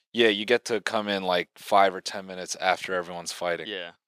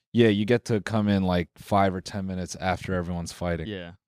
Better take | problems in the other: second | thin; somewhat; fading below 450 Hz

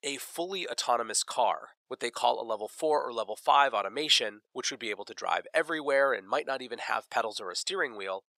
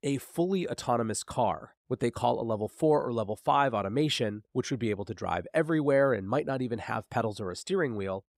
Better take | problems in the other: second | thin; very; fading below 650 Hz

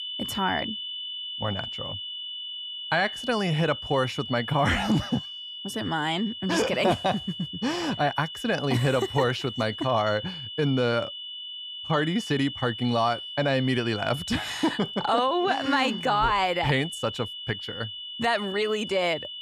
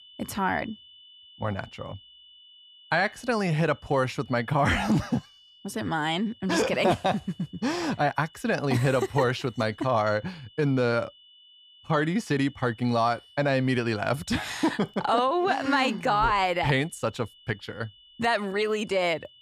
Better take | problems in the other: second | high-pitched whine; loud; throughout; 3 kHz, 8 dB below the speech; faint in the second

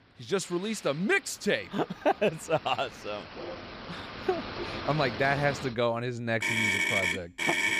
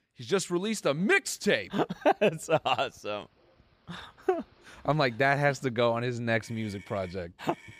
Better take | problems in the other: second | traffic noise; loud; throughout; as loud as the speech; faint in the second

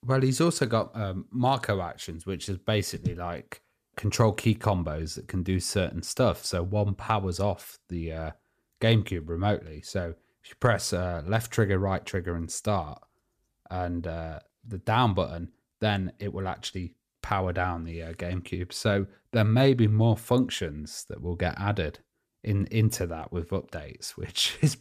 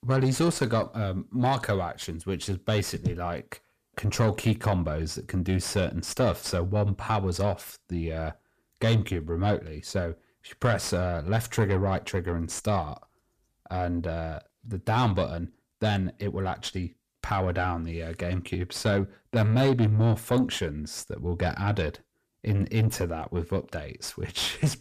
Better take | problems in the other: first | distortion; slight; 10 dB below the speech

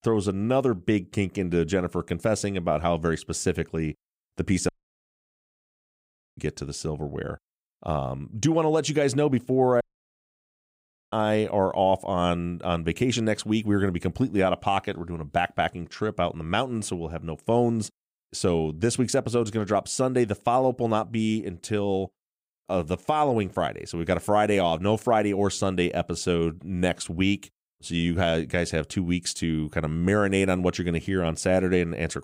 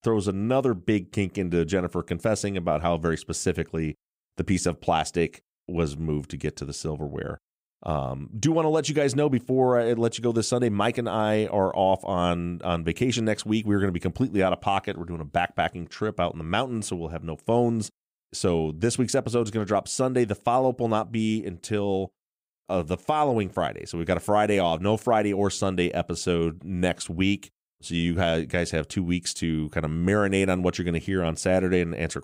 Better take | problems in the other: second | audio cutting out; at 4.5 s for 1.5 s and at 10 s for 1.5 s

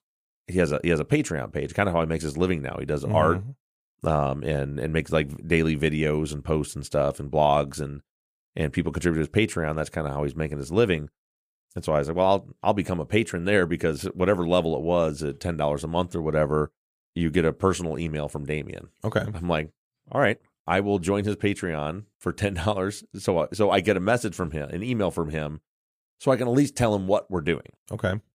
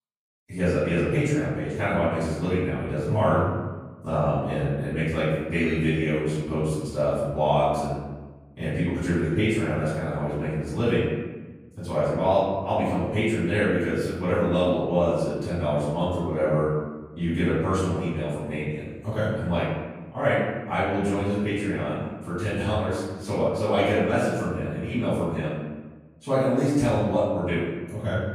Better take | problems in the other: first | off-mic speech; far // room echo; strong; dies away in 1.2 s

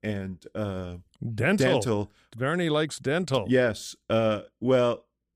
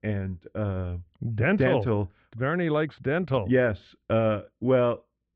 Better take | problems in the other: first | muffled; very; fading above 2.5 kHz

